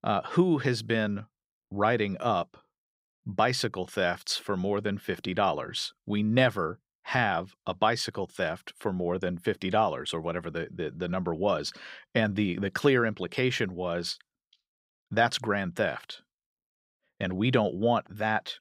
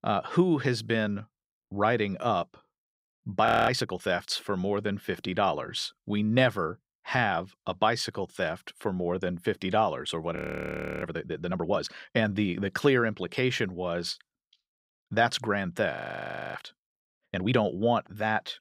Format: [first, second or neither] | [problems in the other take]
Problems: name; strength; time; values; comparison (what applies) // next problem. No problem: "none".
first | audio freezing; at 3.5 s, at 10 s for 0.5 s and at 16 s for 0.5 s